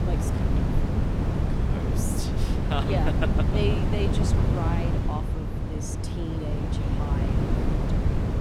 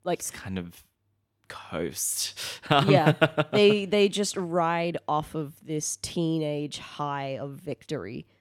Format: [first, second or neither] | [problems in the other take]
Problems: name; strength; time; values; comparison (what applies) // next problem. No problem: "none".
second | wind noise on the microphone; heavy; 1 dB above the speech